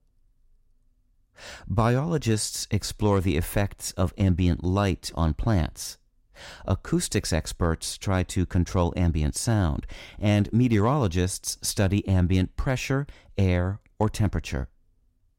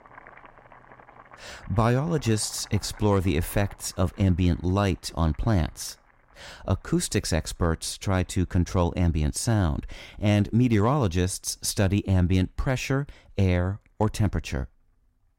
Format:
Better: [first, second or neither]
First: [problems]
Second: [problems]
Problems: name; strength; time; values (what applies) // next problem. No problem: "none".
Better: first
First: none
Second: household noises; faint; throughout; 25 dB below the speech